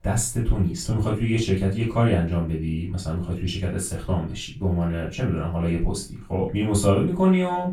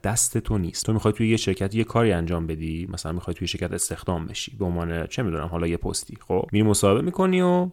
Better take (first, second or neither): second